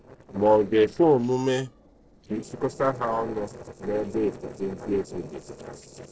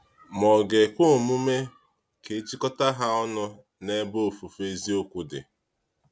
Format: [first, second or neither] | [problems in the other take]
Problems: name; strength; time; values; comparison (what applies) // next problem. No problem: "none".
second | noise reduction (neural separator model SepFormer DNS4)